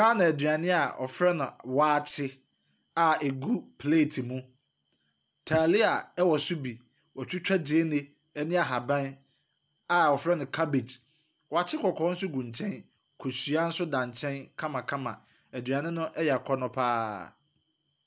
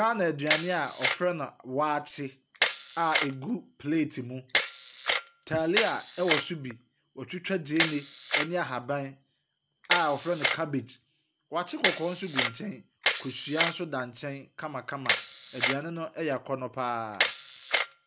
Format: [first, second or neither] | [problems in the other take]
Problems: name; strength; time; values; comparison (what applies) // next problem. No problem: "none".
first | background sound (Camera); 1 dB below the speech